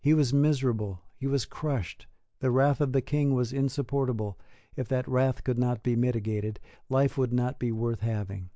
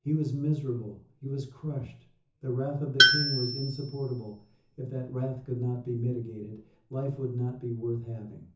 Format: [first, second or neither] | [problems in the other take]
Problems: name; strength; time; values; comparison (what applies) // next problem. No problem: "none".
first | background sound (Tools); 4 dB above the speech // room echo; dies away in 0.6 s